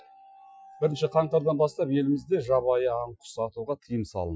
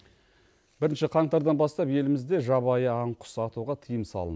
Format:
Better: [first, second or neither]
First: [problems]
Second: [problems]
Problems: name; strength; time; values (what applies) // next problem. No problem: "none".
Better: second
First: noise reduction (classical method Wiener filter)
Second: none